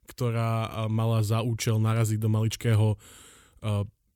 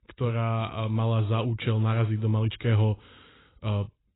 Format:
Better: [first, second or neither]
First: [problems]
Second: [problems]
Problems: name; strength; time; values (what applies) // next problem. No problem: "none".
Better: first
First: none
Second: garbled, watery; badly; nothing above 4 kHz